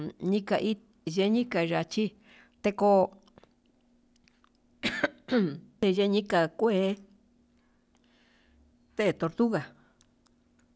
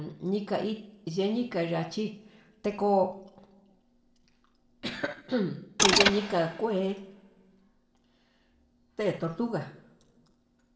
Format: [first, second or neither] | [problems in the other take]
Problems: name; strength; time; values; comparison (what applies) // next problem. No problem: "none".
first | background sound (Mechanisms); 3 dB above the speech // room echo; dies away in 0.5 s